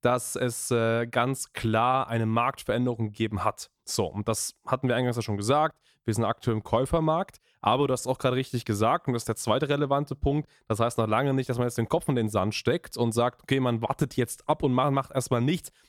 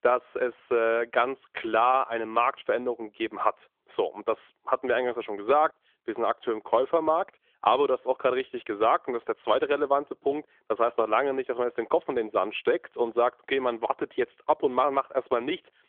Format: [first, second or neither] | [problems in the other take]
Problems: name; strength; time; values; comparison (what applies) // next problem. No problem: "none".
first | phone-call audio; nothing above 3.5 kHz